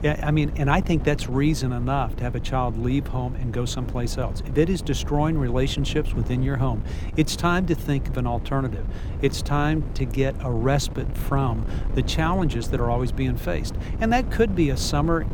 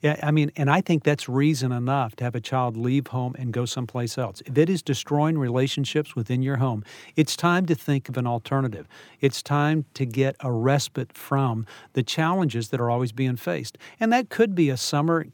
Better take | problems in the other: second | wind noise on the microphone; occasional gusts; 15 dB below the speech

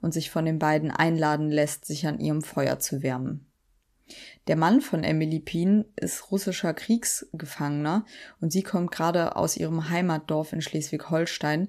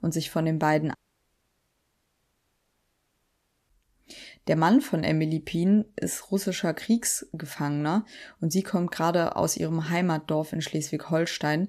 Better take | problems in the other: first | audio cutting out; at 1 s for 3 s

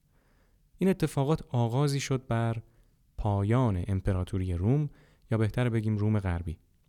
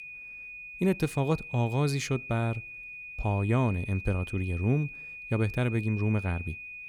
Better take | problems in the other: first | high-pitched whine; noticeable; throughout; 2.5 kHz, 10 dB below the speech

